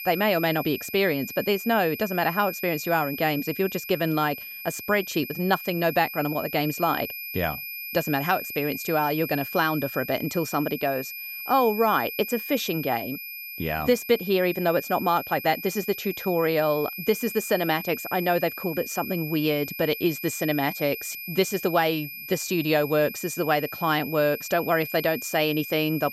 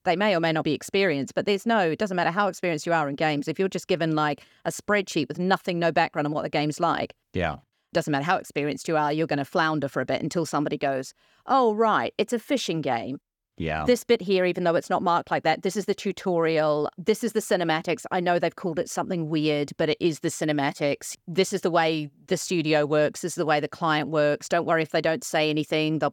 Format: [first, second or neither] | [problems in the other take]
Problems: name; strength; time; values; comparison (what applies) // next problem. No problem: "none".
second | high-pitched whine; loud; throughout; 2.5 kHz, 8 dB below the speech